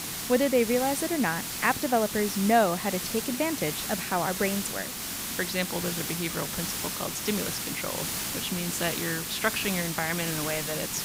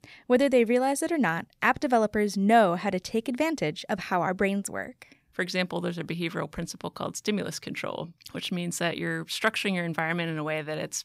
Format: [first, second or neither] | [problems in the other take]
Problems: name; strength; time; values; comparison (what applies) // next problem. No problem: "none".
second | hiss; loud; throughout; 2 dB below the speech